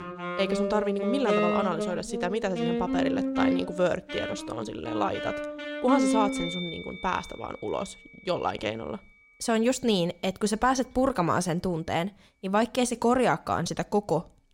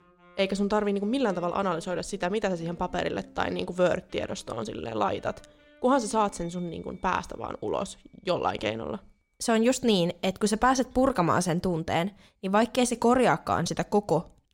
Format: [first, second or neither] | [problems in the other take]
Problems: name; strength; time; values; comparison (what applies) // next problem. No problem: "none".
second | background music; loud; throughout; 2 dB below the speech; faint in the second